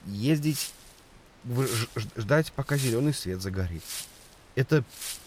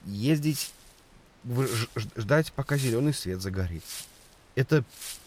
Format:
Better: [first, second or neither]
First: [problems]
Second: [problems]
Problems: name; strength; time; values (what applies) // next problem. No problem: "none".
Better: second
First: wind noise on the microphone; heavy; 9 dB below the speech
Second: wind noise on the microphone; occasional gusts; 10 dB below the speech